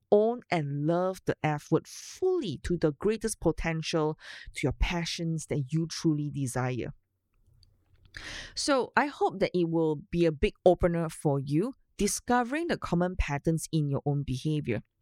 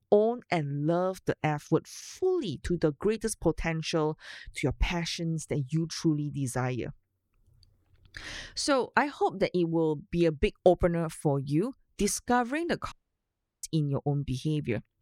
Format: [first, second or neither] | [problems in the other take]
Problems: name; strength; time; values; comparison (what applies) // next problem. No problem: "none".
first | audio cutting out; at 13 s for 0.5 s